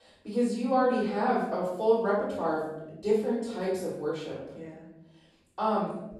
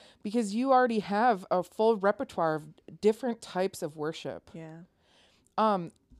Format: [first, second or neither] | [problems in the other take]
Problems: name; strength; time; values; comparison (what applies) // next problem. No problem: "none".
second | off-mic speech; far // room echo; noticeable; dies away in 0.8 s